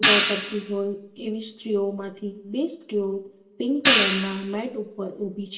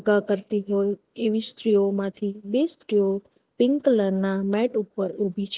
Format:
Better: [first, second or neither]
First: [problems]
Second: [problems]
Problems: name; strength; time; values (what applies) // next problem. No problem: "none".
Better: second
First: background sound (Hi-hat); 2 dB above the speech // room echo; dies away in 1.4 s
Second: none